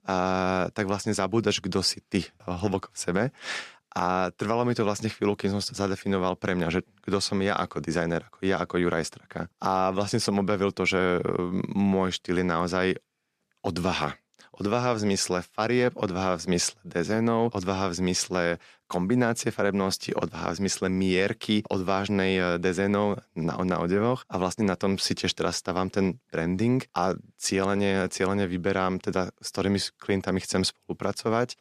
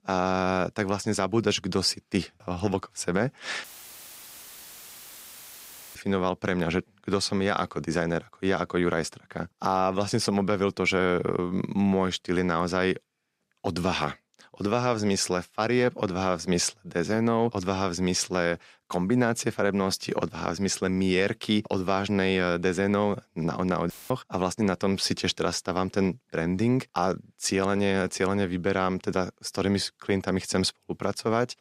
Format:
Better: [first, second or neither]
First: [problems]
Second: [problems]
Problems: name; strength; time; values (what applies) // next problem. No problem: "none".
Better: first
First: none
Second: audio cutting out; filled with static; at 3.5 s for 2.5 s and at 24 s